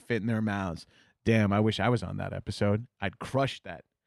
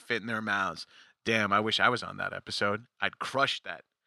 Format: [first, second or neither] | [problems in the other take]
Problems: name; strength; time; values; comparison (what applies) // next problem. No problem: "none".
first | thin; somewhat; fading below 450 Hz